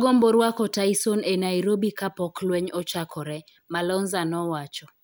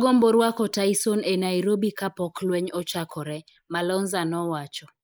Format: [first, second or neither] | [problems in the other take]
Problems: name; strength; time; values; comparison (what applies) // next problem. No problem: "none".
first | noise reduction (neural mask model Resemble Enhance denoiser)